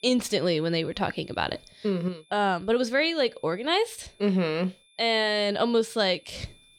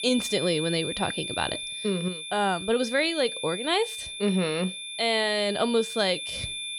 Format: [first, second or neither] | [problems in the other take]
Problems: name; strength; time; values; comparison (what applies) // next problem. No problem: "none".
first | high-pitched whine; loud; throughout; 3.5 kHz, 6 dB below the speech; faint in the first